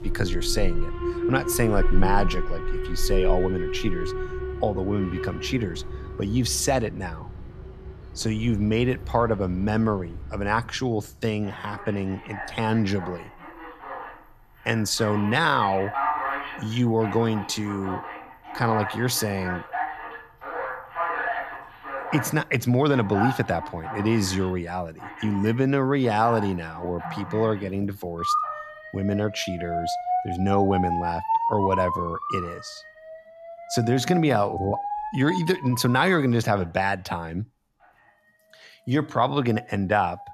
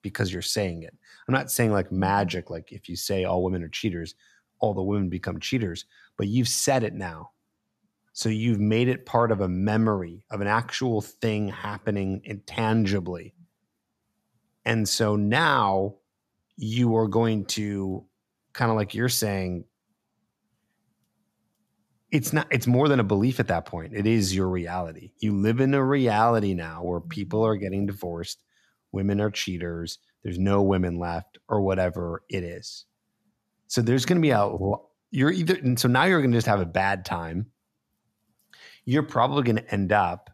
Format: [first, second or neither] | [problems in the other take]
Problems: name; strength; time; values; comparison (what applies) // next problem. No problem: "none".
second | alarms or sirens; loud; throughout; 6 dB below the speech